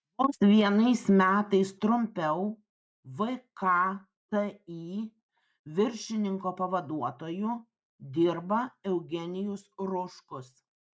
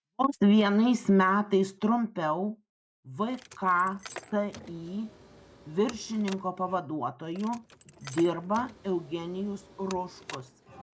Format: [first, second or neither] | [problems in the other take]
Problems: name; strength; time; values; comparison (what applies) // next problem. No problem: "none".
first | background sound (Car); 19 dB below the speech